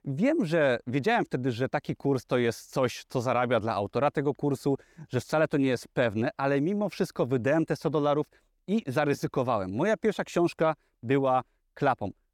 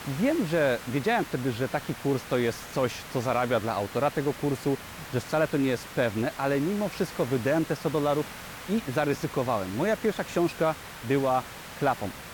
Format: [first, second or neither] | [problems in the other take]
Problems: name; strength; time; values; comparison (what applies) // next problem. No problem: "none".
first | hiss; noticeable; throughout; 10 dB below the speech